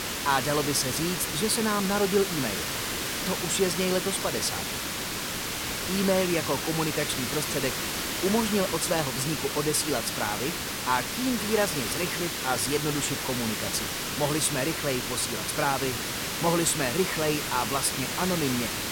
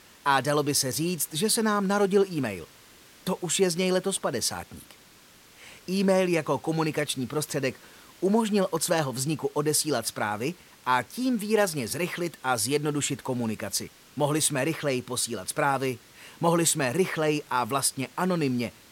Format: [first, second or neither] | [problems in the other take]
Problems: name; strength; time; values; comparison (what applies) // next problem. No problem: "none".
second | hiss; loud; throughout; 1 dB below the speech; faint in the second